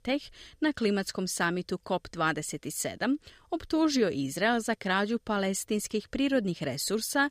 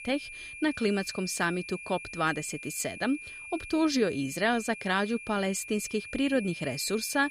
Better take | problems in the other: first | high-pitched whine; noticeable; throughout; 2.5 kHz, 10 dB below the speech

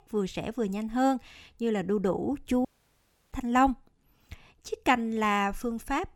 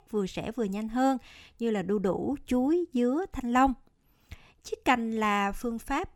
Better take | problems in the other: second | audio cutting out; at 2.5 s for 0.5 s

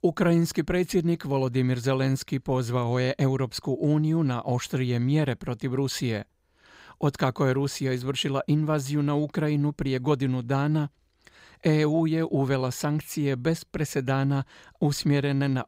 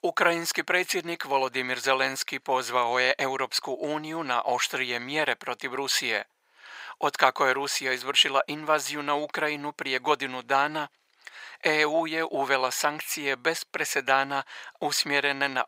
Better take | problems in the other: first | thin; very; fading below 750 Hz

